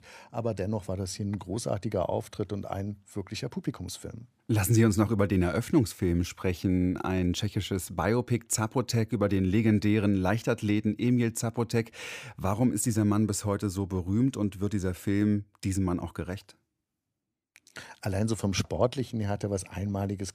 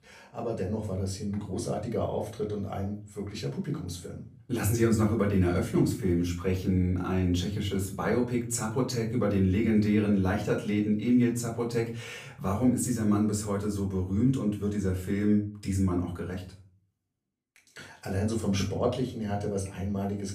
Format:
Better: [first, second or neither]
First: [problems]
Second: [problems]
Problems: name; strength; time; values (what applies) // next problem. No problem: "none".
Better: first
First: none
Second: off-mic speech; far // room echo; slight; dies away in 0.4 s